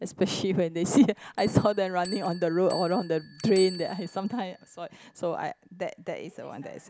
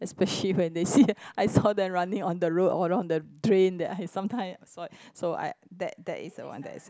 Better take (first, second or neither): second